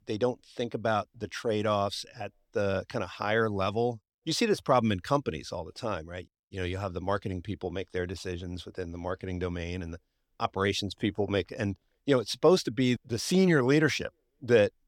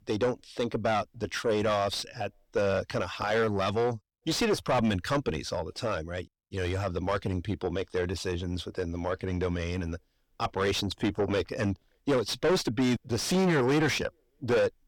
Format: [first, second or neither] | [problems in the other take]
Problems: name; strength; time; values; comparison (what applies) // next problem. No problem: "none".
first | distortion; heavy; 5 dB below the speech